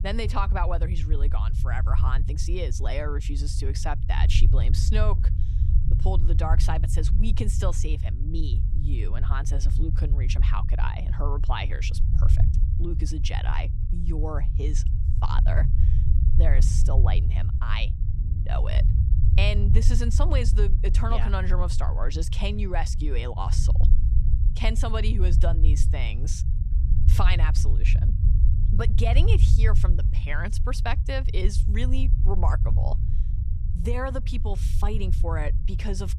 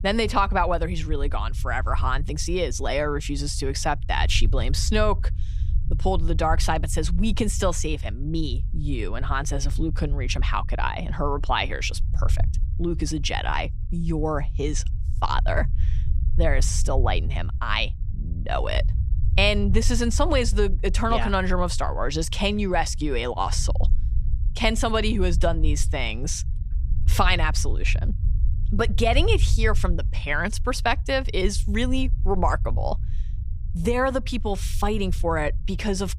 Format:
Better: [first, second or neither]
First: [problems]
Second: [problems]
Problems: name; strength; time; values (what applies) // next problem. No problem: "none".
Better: second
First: low rumble; loud; throughout; 8 dB below the speech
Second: low rumble; faint; throughout; 20 dB below the speech